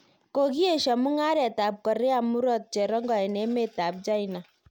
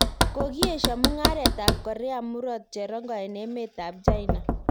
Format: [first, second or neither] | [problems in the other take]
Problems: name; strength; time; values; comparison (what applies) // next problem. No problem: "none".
first | background sound (Knock); 5 dB above the speech